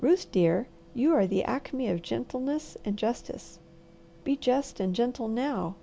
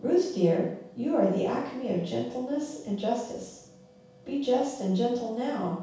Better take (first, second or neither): first